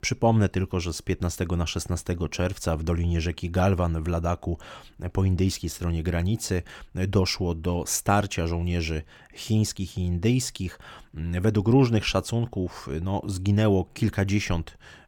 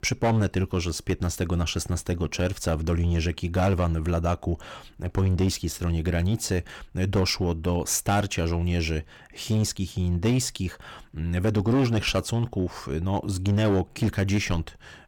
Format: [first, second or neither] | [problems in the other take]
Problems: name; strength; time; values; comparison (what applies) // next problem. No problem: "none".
first | distortion; slight; 8% of the sound clipped